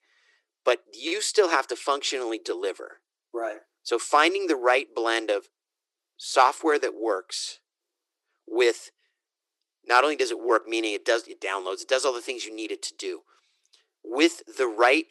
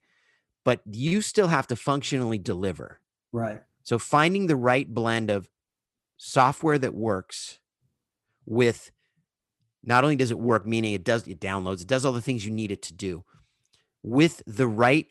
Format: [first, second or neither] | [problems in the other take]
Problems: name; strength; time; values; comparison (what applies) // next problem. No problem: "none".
second | thin; very; fading below 350 Hz